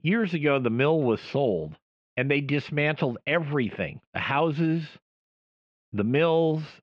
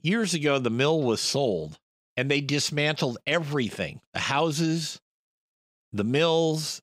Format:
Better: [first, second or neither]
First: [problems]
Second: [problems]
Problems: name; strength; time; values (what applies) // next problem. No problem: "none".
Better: second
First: muffled; very; fading above 2.5 kHz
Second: none